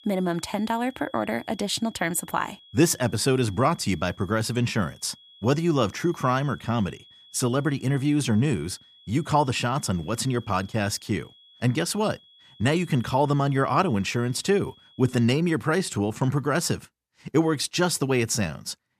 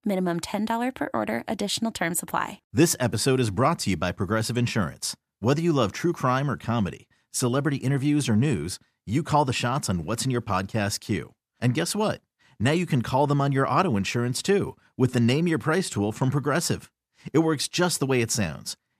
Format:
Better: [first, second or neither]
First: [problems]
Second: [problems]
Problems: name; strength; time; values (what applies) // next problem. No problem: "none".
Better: second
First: high-pitched whine; faint; until 15 s; 3.5 kHz, 25 dB below the speech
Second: none